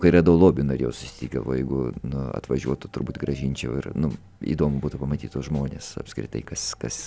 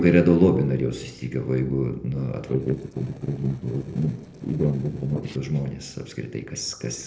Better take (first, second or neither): first